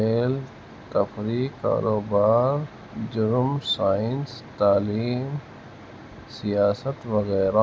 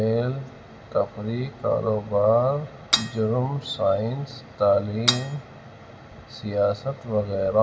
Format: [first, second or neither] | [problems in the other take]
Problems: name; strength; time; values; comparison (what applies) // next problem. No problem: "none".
first | background sound (Cutlery, silverware / Dishes, pots, and pans); 3 dB below the speech // room echo; dies away in 1.1 s